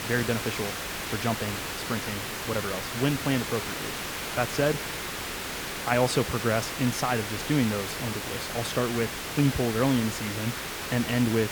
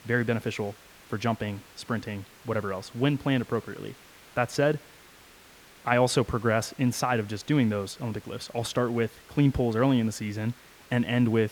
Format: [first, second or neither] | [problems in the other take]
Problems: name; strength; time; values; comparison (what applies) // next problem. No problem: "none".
second | hiss; loud; throughout; 3 dB below the speech; faint in the second